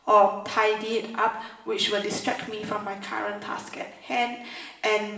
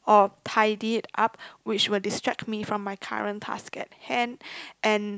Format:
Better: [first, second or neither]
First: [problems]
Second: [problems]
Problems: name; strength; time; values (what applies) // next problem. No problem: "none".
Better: second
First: room echo; dies away in 1 s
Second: none